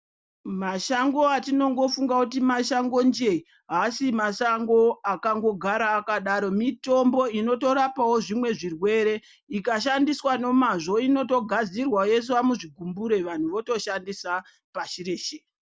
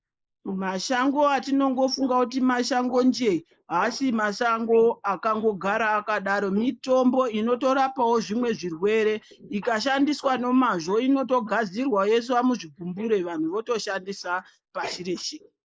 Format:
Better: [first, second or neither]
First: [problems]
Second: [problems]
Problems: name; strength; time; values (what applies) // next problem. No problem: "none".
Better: first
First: none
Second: noise reduction (neural mask model Resemble Enhance denoiser)